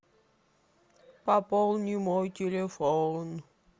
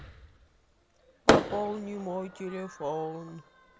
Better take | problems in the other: first | background sound (Fireworks); 4 dB above the speech

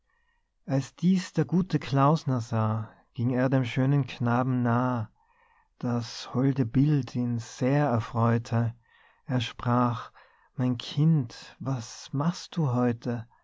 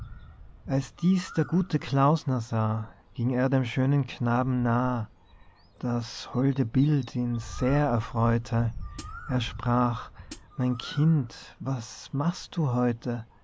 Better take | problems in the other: first | background sound (Bird + Hi-hat); 17 dB below the speech

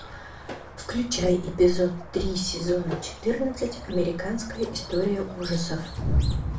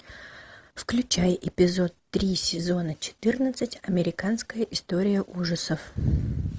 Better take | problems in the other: second | background sound (Squeak); 15 dB below the speech // room echo; dies away in 0.3 s

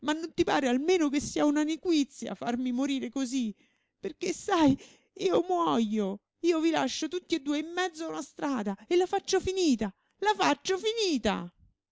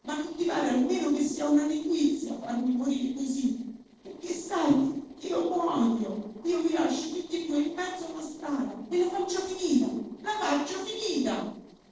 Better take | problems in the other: first | noise reduction (neural separator model SepFormer DNS4)

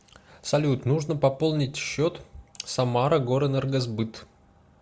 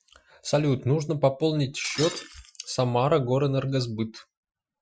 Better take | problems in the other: first | noise reduction (classical method Wiener filter)

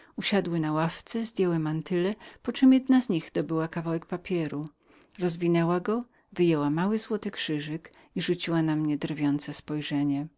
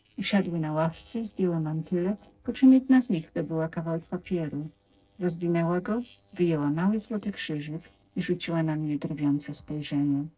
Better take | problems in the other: first | noise reduction (neural separator model SepFormer DNS4)

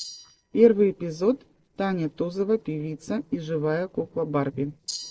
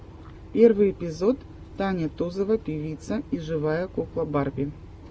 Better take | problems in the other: second | noise reduction (neural separator model SepFormer DNS4)

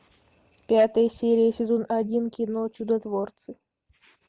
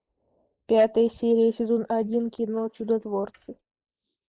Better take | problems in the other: first | noise reduction (neural mask model Resemble Enhance denoiser)

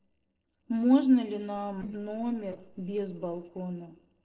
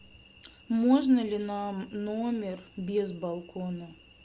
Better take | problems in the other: second | noise reduction (neural separator model SepFormer DNS4)

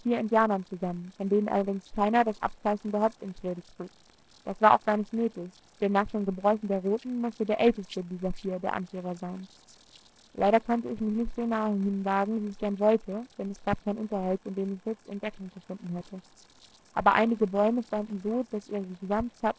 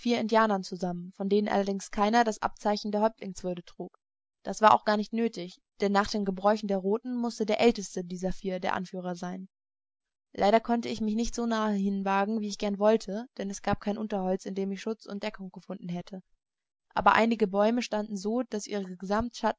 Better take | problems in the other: second | noise reduction (neural separator model SepFormer DNS4)

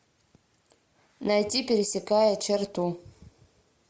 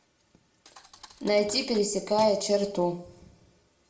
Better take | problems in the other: first | background sound (Thump, thud); 20 dB below the speech // room echo; dies away in 0.5 s

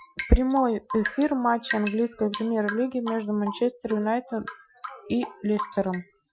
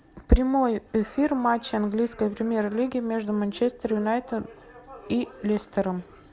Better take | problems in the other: second | noise reduction (classical method Wiener filter)

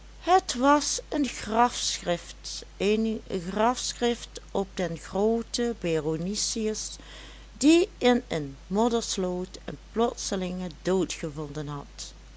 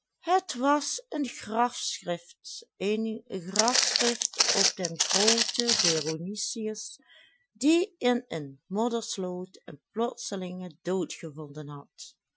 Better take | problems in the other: first | noise reduction (classical method Wiener filter)

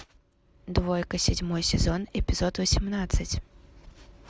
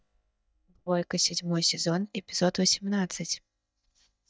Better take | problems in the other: first | noise reduction (neural mask model DeepFilterNet 3)

